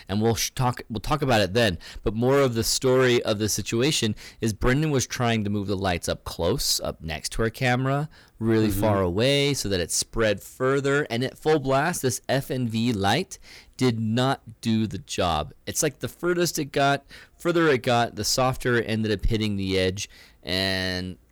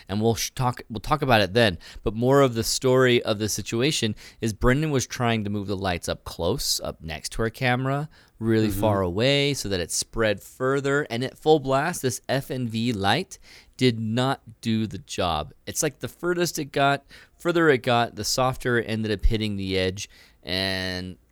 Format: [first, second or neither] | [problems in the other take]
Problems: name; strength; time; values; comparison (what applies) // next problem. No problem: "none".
second | distortion; slight; 10 dB below the speech